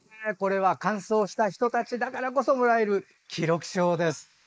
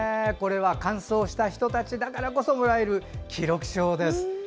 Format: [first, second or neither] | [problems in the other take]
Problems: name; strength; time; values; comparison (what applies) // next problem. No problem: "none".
second | noise reduction (neural mask model Resemble Enhance denoiser)